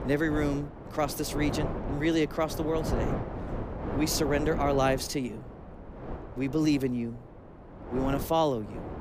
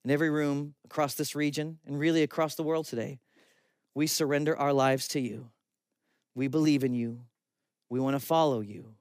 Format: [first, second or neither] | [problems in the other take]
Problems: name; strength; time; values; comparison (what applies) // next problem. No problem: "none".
second | wind noise on the microphone; heavy; 9 dB below the speech